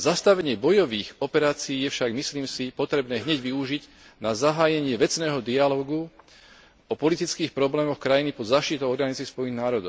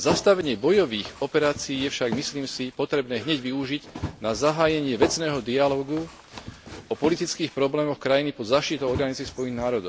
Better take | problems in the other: first | background sound (Run); 13 dB below the speech

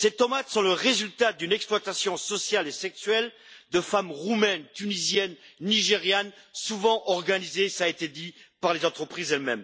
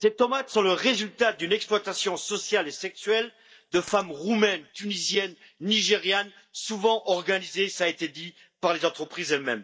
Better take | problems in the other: first | noise reduction (neural mask model DeepFilterNet 3)

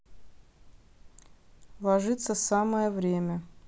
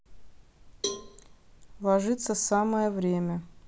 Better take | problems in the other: first | background sound (Cowbell); 12 dB below the speech

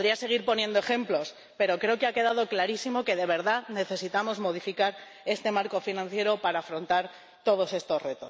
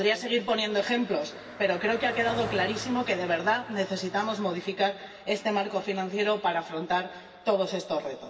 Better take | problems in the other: first | background sound (Car passing by); 17 dB below the speech // room echo; dies away in 2.2 s

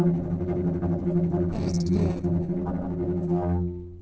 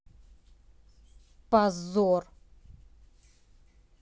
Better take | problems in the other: second | noise reduction (neural separator model SepFormer DNS4)

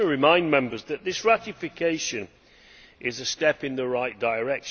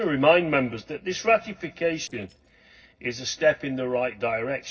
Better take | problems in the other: first | noise reduction (neural separator model SepFormer DNS4)

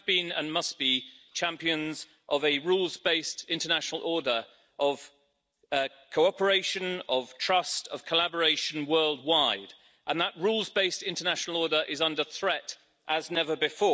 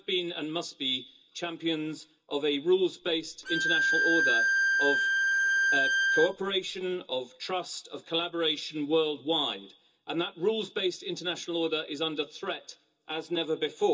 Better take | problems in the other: first | background sound (Bowed string instrument); 5 dB above the speech // room echo; dies away in 0.2 s

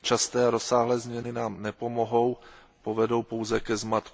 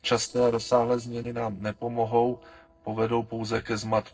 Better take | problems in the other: first | noise reduction (neural separator model SepFormer DNS4)

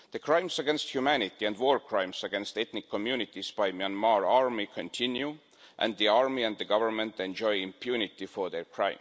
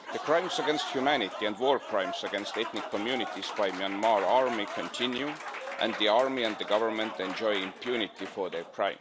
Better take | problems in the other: first | background sound (Applause); 9 dB below the speech

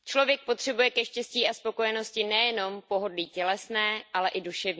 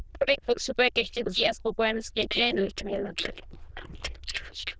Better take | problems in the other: first | noise reduction (neural diffusion model UNIVERSE++)

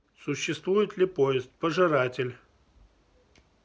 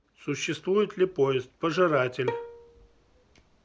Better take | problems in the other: first | background sound (Bowed string instrument); 10 dB below the speech

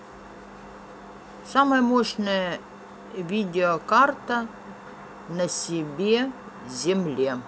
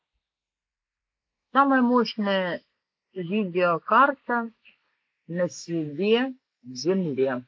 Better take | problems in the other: first | noise reduction (neural mask model Resemble Enhance denoiser)

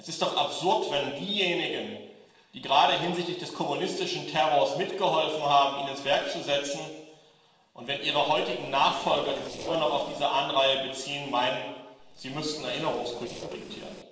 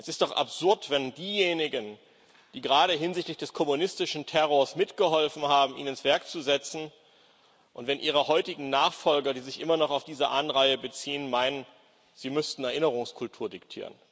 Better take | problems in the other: second | noise reduction (neural separator model SepFormer DNS4)

